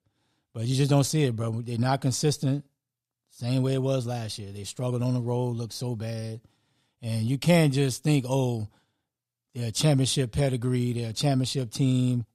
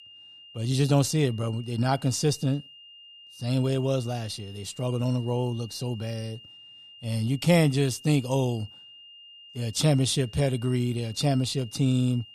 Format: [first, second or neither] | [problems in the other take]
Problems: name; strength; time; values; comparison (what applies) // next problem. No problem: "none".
first | high-pitched whine; noticeable; throughout; 3 kHz, 20 dB below the speech